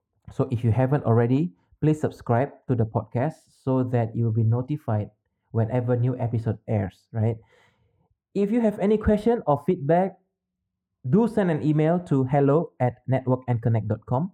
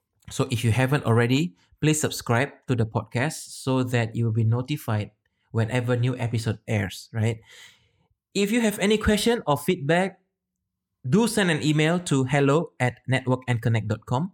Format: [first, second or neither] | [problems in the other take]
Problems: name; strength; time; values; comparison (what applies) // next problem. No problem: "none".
second | muffled; very; fading above 2 kHz